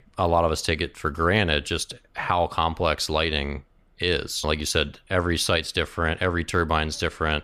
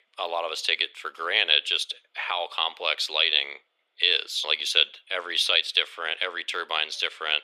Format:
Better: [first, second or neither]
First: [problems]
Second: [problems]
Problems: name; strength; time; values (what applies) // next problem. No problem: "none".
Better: first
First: none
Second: thin; very; fading below 450 Hz